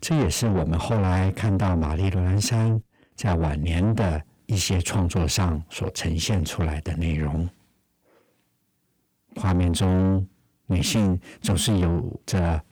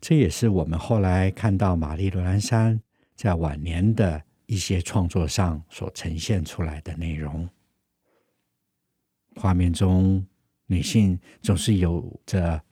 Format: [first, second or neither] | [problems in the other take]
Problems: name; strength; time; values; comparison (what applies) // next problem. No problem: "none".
second | distortion; heavy; 7 dB below the speech